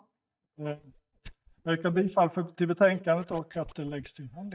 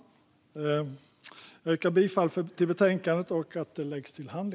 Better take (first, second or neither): second